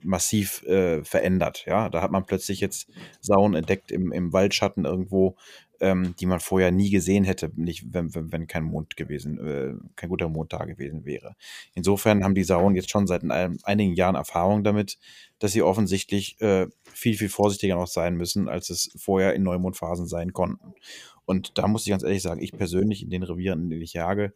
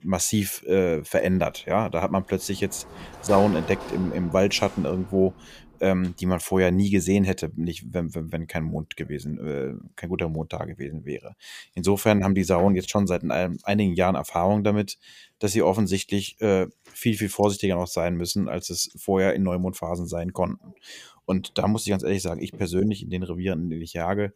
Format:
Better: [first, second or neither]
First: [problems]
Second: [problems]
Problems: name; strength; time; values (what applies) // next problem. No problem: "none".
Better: first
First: none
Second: door banging; noticeable; from 1.5 to 5.5 s; peak 7 dB below the speech